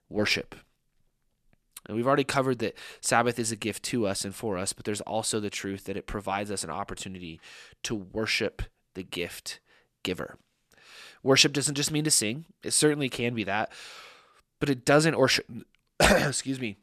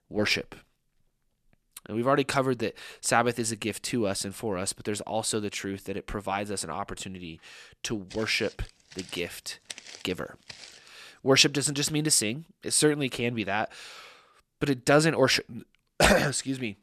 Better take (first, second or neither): first